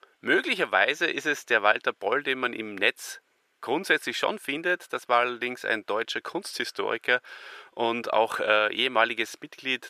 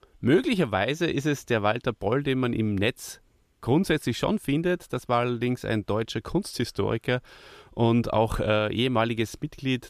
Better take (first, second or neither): second